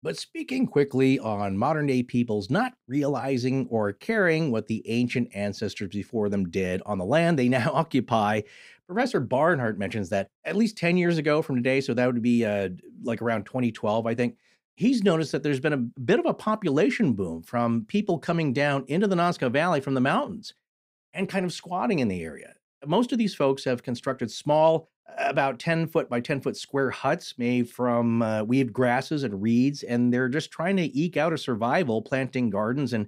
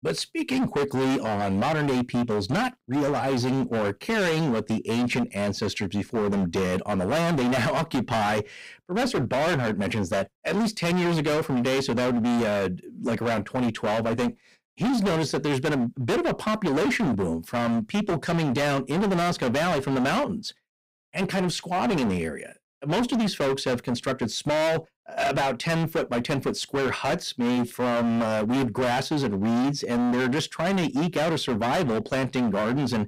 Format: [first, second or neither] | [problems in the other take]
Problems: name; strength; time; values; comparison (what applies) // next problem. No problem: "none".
first | distortion; heavy; 30% of the sound clipped